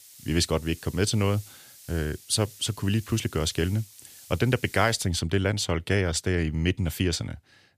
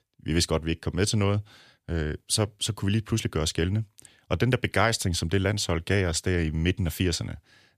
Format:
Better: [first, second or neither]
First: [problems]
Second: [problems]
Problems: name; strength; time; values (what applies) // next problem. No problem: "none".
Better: second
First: hiss; noticeable; until 5 s; 20 dB below the speech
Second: none